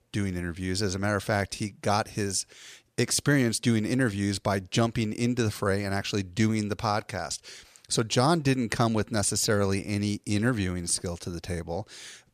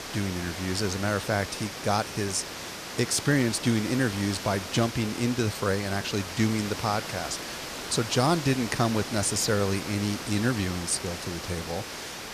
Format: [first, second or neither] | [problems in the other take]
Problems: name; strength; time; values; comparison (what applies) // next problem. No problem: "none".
first | hiss; loud; throughout; 7 dB below the speech